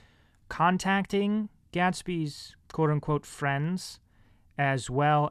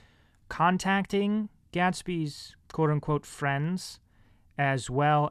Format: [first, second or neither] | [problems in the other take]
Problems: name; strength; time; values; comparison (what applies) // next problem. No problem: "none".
neither | none